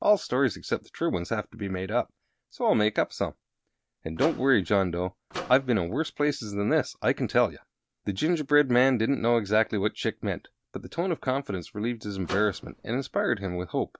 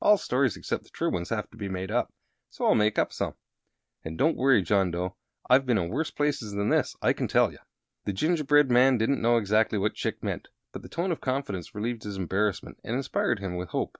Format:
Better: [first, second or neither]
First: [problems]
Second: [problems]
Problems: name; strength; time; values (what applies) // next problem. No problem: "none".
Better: second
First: background sound (Microwave oven); 14 dB below the speech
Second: none